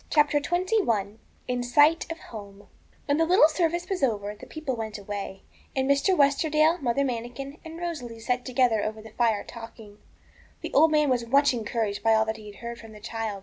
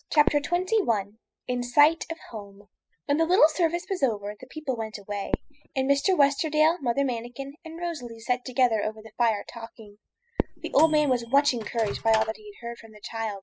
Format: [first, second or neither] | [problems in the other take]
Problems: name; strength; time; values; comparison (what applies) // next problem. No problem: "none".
first | noise reduction (classical method spectral subtraction)